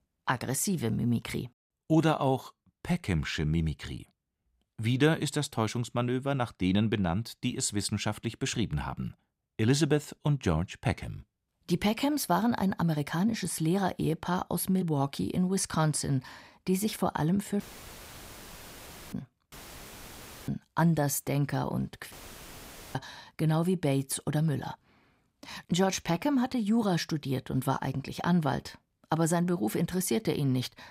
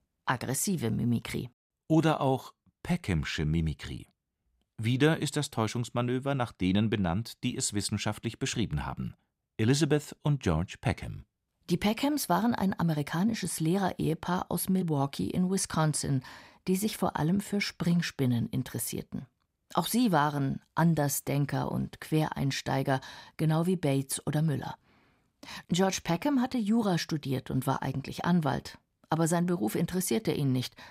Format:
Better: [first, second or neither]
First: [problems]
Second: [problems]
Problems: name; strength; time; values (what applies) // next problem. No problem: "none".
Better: second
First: audio cutting out; filled with static; at 18 s for 1.5 s, at 20 s for 1 s and at 22 s for 1 s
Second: none